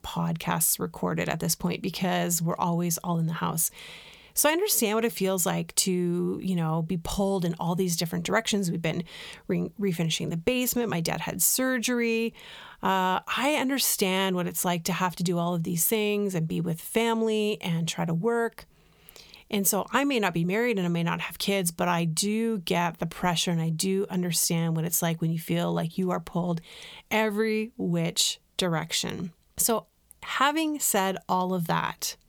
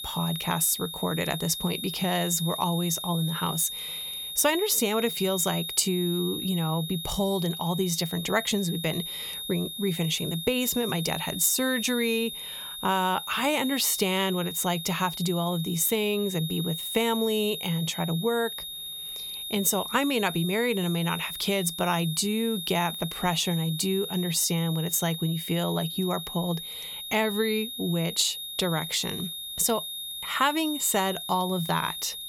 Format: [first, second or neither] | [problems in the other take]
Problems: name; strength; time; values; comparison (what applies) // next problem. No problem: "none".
first | high-pitched whine; loud; throughout; 3.5 kHz, 6 dB below the speech